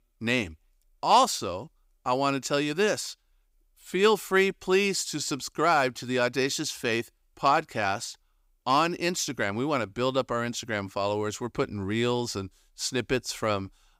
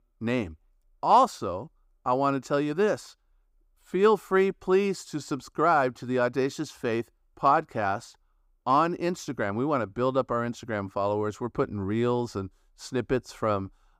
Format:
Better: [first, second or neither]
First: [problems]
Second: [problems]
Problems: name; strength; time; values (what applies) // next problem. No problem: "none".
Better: first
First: none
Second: muffled; slightly; fading above 1.5 kHz